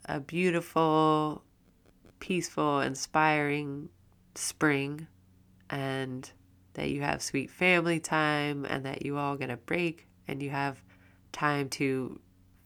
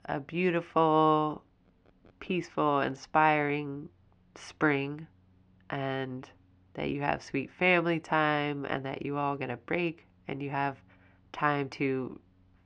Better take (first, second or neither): first